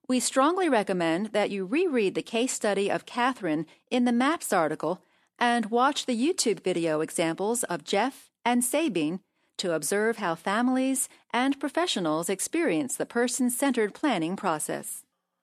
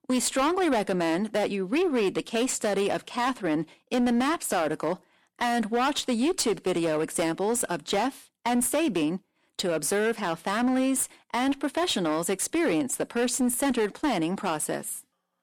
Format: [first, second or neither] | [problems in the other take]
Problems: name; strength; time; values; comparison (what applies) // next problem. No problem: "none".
first | distortion; slight; 12% of the sound clipped